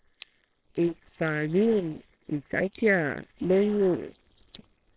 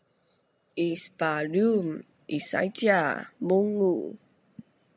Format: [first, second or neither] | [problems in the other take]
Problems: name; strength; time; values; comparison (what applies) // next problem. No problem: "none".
second | noise reduction (neural separator model SepFormer WHAMR!)